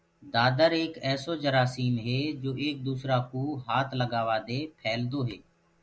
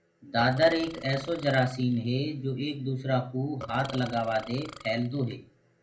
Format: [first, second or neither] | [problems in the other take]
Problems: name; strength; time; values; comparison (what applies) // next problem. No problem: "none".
first | background sound (Burping, eructation); 15 dB below the speech // room echo; dies away in 0.3 s